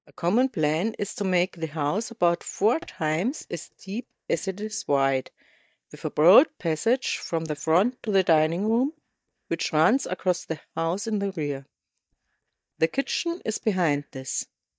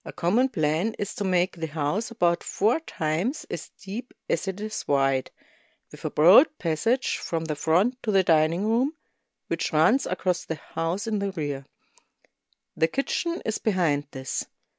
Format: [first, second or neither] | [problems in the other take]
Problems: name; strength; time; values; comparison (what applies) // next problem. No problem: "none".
second | noise reduction (neural mask model DeepFilterNet 3)